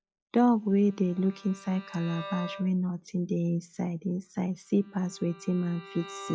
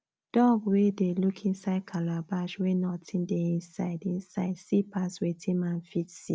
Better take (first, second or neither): second